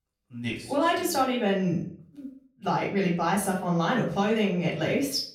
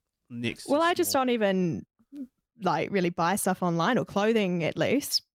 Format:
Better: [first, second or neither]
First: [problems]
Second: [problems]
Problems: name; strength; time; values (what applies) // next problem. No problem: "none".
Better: second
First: off-mic speech; far // room echo; slight; dies away in 0.4 s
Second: none